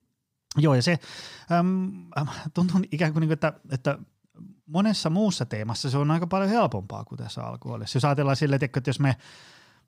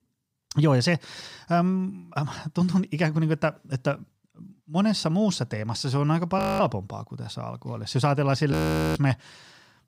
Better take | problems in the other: first | audio freezing; at 6.5 s and at 8.5 s

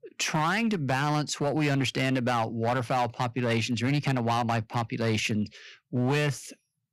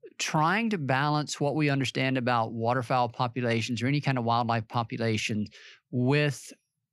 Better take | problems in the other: second | distortion; slight; 9% of the sound clipped

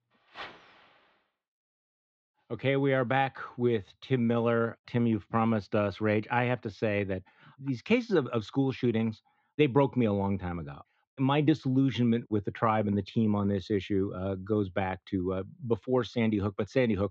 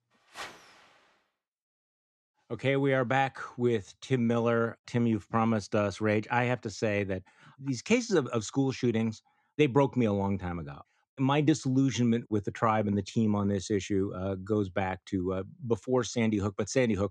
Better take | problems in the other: second | muffled; slightly; fading above 3.5 kHz

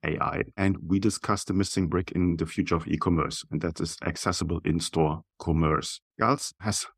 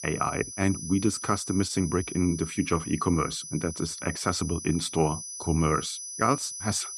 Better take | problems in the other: first | high-pitched whine; loud; throughout; 6 kHz, 9 dB below the speech

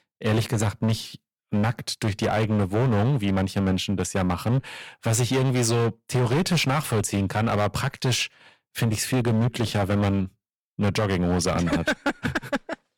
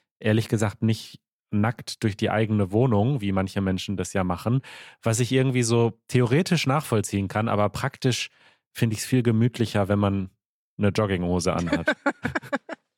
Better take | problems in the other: second | distortion; heavy; 14% of the sound clipped

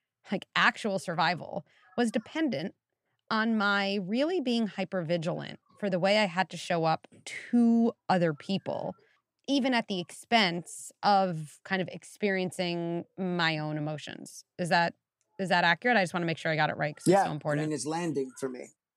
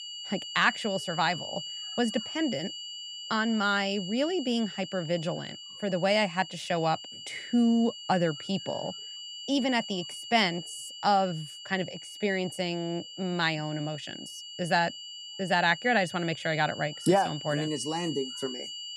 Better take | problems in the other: first | high-pitched whine; loud; throughout; 3 kHz, 10 dB below the speech

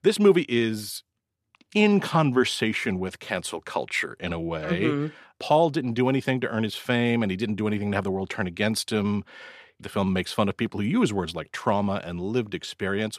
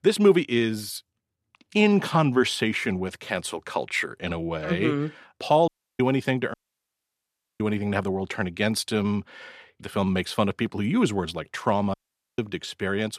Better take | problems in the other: first | audio cutting out; at 5.5 s, at 6.5 s for 1 s and at 12 s

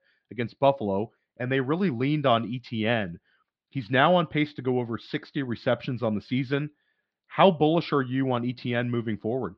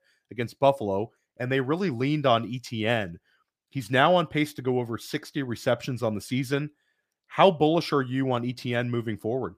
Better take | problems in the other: second | muffled; very slightly; fading above 4 kHz

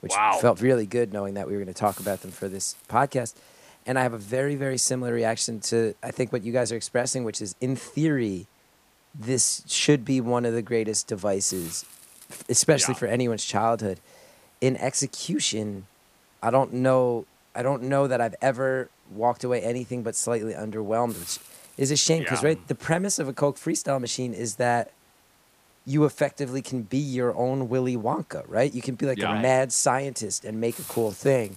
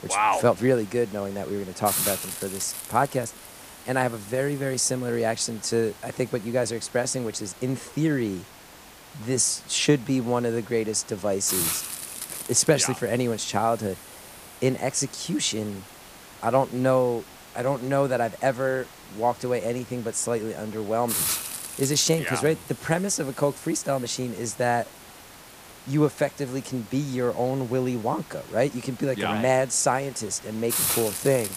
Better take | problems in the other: first | hiss; loud; throughout; 9 dB below the speech; faint in the first

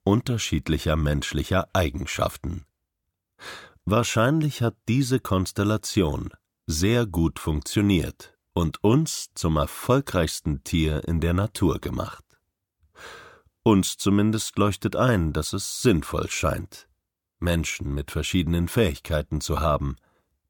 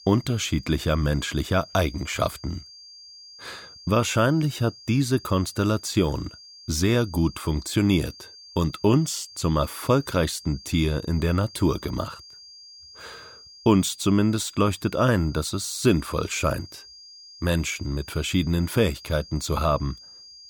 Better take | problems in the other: first | high-pitched whine; noticeable; throughout; 4.5 kHz, 20 dB below the speech

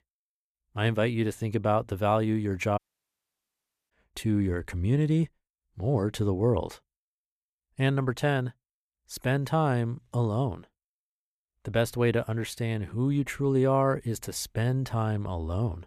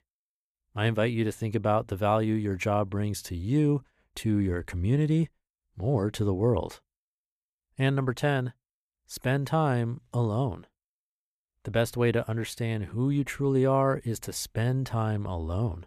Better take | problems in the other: second | audio cutting out; at 3 s for 1 s

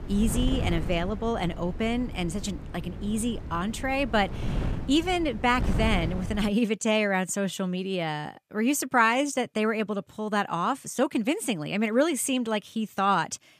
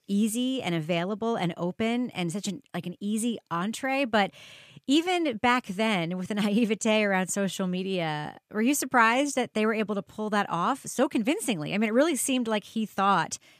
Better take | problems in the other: second | wind noise on the microphone; occasional gusts; until 6.5 s; 15 dB below the speech

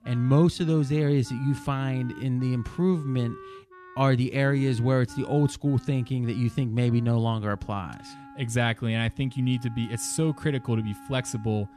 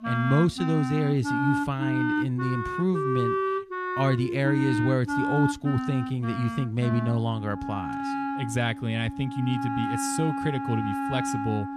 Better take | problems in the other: first | background music; loud; throughout; 2 dB below the speech; faint in the first

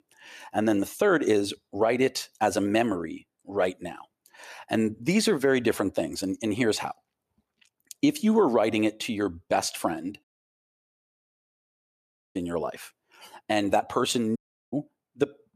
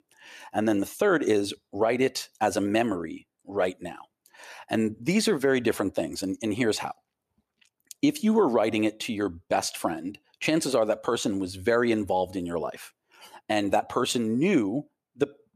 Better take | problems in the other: second | audio cutting out; at 10 s for 2 s and at 14 s

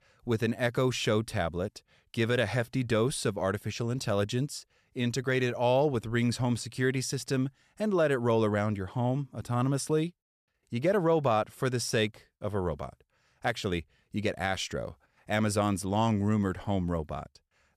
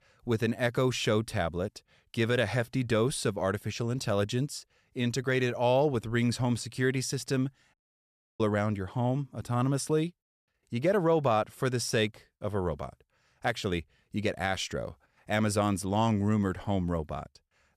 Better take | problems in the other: first | audio cutting out; at 7.5 s for 0.5 s

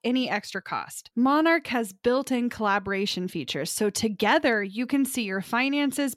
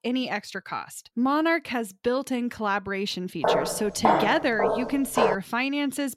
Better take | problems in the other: first | footsteps; loud; from 3.5 to 5.5 s; peak 4 dB above the speech

